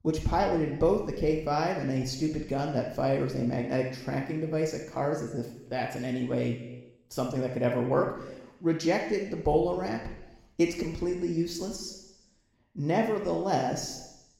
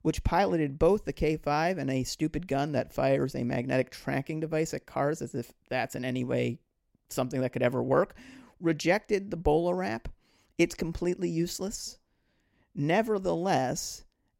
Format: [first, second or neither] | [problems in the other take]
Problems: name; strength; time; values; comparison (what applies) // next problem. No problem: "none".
second | room echo; noticeable; dies away in 0.9 s // off-mic speech; somewhat distant